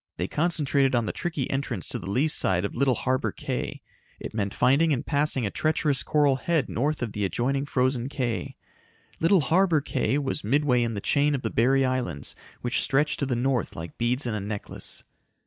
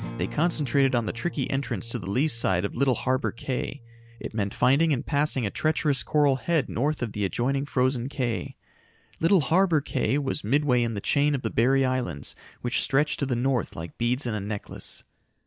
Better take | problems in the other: first | background sound (Acoustic guitar); 20 dB below the speech

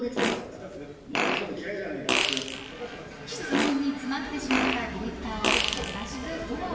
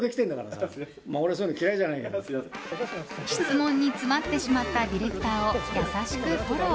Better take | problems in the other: second | background sound (Fart); 1 dB above the speech // room echo; dies away in 1.2 s

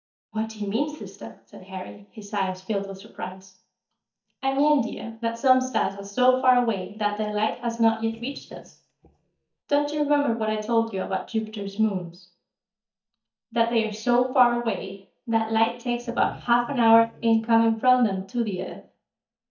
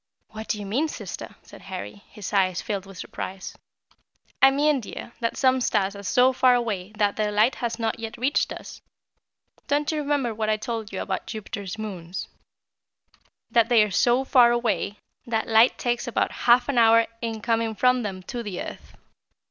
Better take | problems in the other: second | noise reduction (neural mask model DeepFilterNet 3)

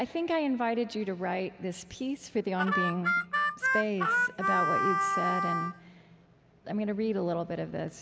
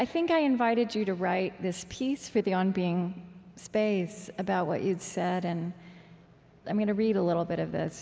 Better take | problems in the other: second | background sound (Harmonica); 3 dB above the speech

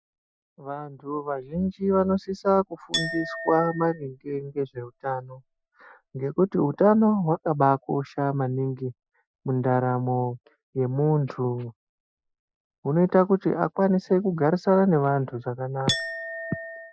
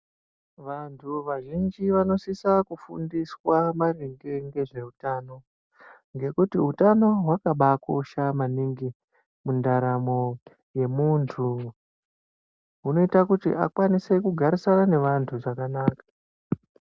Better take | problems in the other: second | noise reduction (classical method Wiener filter)

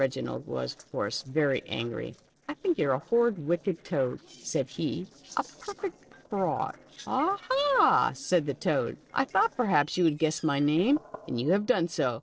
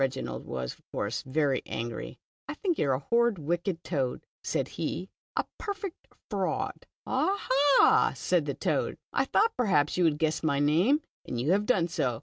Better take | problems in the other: second | noise reduction (neural separator model SepFormer DNS4)

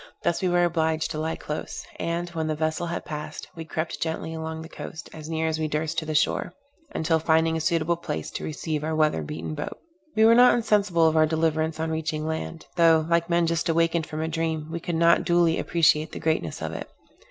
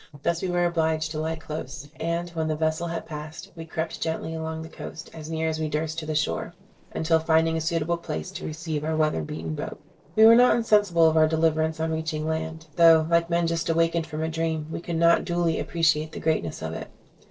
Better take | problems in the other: first | noise reduction (neural separator model SepFormer DNS4)

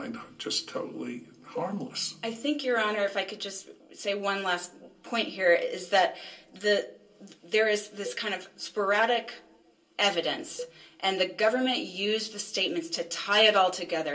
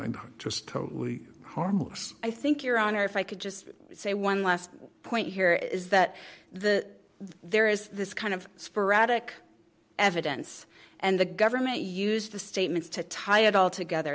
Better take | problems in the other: second | background sound (Cowbell); 19 dB below the speech // room echo; dies away in 0.2 s

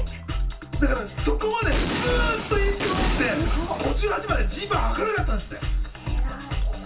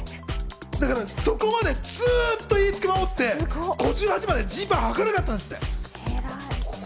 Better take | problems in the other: second | background sound (Explosion); 5 dB below the speech // room echo; dies away in 0.2 s

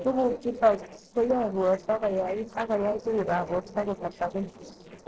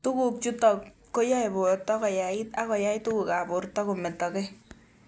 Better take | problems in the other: second | noise reduction (neural separator model SepFormer DNS4)

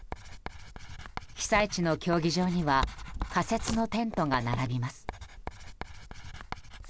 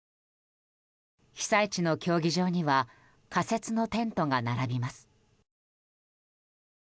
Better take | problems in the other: second | background sound (Writing); 8 dB below the speech

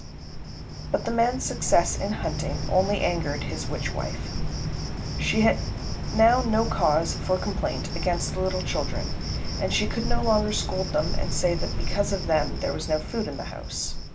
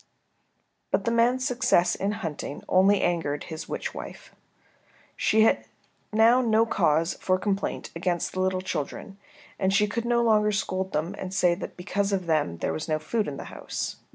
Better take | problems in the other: second | background sound (Cricket); 2 dB below the speech // room echo; dies away in 0.2 s

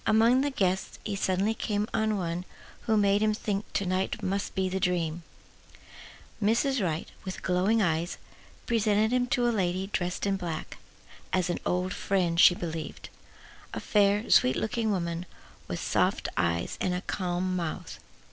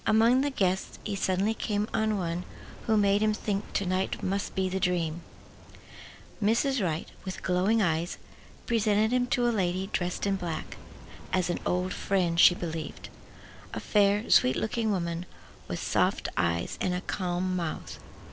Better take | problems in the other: first | background sound (Aircraft); 20 dB below the speech

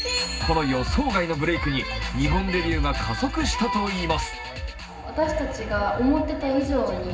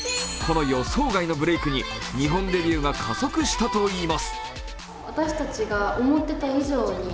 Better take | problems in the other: second | room echo; dies away in 0.4 s

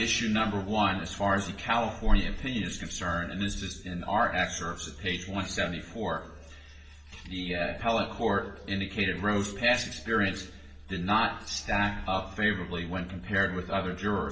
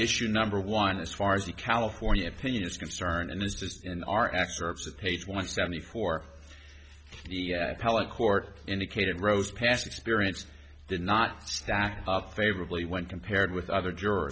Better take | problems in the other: second | room echo; dies away in 0.7 s

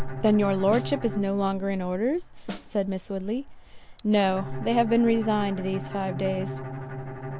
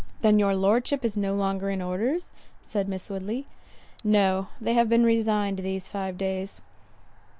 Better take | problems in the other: second | background sound (Bowed string instrument + Snare drum); 11 dB below the speech

